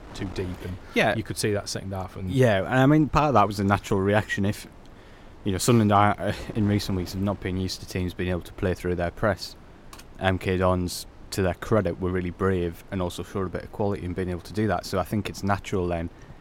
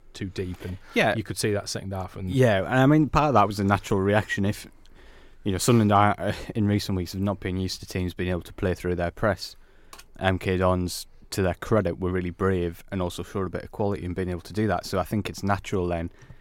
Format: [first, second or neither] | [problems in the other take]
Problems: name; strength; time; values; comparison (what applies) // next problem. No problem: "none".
second | wind noise on the microphone; occasional gusts; 25 dB below the speech